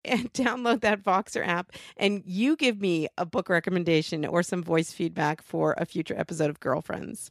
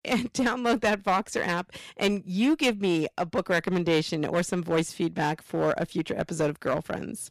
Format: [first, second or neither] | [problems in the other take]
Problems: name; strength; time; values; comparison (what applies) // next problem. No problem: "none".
first | distortion; slight; 5% of the sound clipped